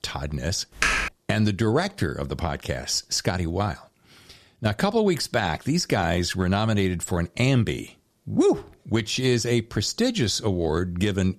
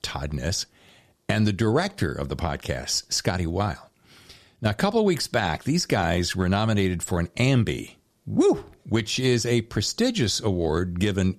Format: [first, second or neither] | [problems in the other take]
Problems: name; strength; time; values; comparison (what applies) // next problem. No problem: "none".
second | keyboard typing; loud; at 1 s; peak 2 dB above the speech